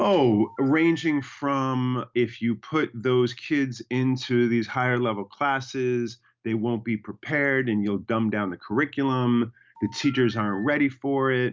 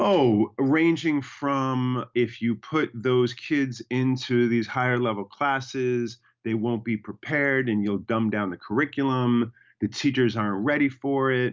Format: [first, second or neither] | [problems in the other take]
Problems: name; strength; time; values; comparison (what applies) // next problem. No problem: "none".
second | background sound (Telephone); 20 dB below the speech